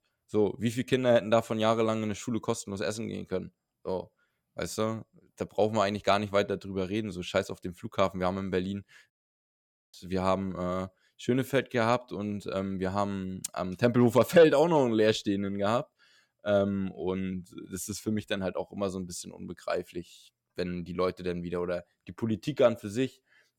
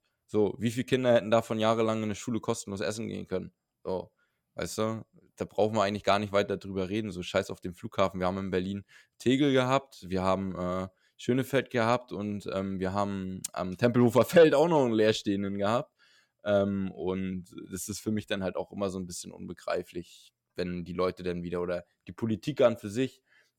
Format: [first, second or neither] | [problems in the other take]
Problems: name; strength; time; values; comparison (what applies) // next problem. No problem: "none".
second | audio cutting out; at 9 s for 1 s